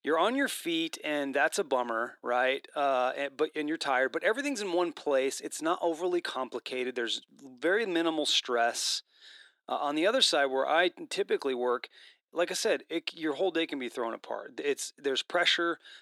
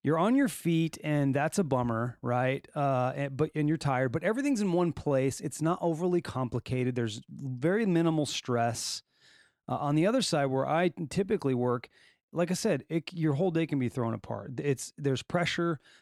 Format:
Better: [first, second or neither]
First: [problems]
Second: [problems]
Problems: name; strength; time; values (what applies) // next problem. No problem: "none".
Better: second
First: thin; somewhat; fading below 350 Hz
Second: none